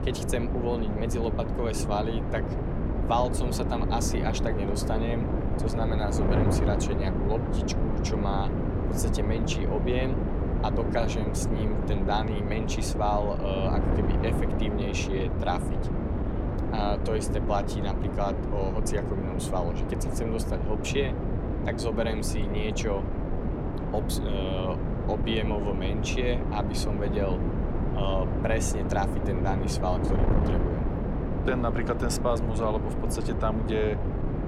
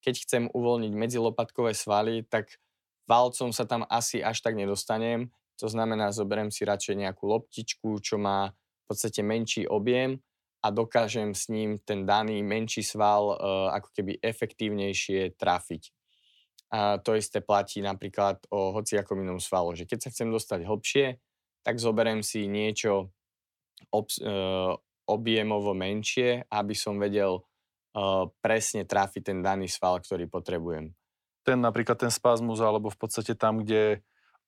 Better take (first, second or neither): second